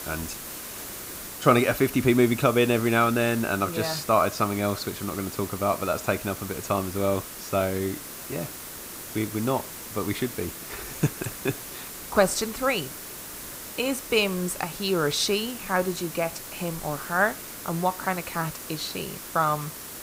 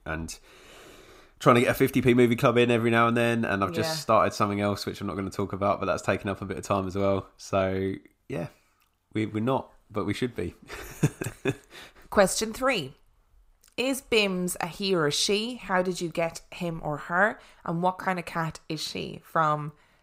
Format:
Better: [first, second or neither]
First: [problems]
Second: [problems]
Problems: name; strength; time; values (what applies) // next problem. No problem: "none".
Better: second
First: hiss; loud; throughout; 10 dB below the speech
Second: none